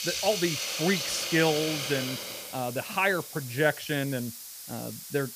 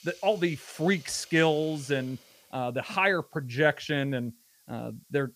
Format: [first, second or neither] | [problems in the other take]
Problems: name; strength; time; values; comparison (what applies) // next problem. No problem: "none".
second | hiss; loud; throughout; 4 dB below the speech; faint in the second